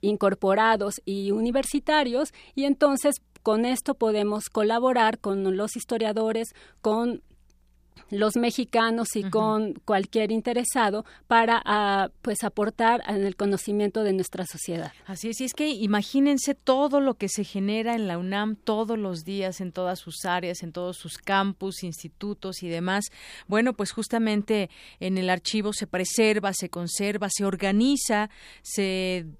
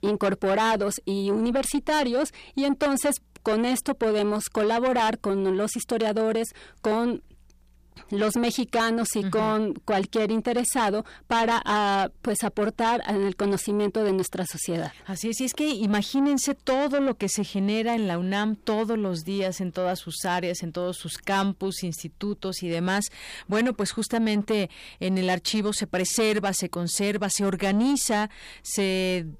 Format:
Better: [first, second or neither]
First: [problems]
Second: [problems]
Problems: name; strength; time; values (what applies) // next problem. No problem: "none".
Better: first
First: none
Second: distortion; slight; 10 dB below the speech